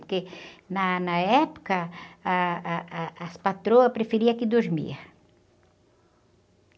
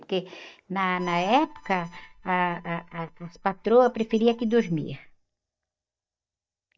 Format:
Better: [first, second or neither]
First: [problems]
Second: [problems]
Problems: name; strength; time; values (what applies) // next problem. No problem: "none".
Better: first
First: none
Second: noise reduction (neural mask model DeepFilterNet 3)